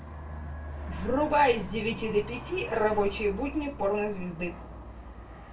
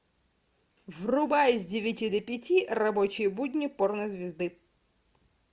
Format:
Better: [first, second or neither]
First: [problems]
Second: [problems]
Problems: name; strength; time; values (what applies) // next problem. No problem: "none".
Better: second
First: background sound (Aircraft); 11 dB below the speech // room echo; dies away in 0.2 s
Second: none